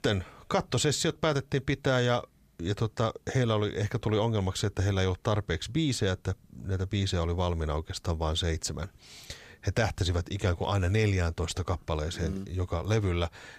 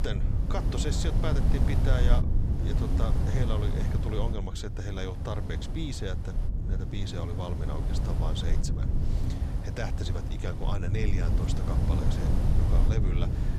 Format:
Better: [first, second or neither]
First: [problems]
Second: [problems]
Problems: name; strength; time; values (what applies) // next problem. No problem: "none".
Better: first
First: none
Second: wind noise on the microphone; heavy; 3 dB below the speech